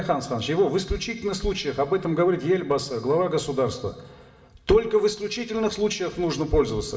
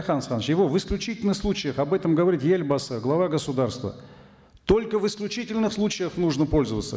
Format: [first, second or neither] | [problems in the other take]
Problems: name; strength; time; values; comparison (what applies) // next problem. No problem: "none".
second | room echo; dies away in 0.8 s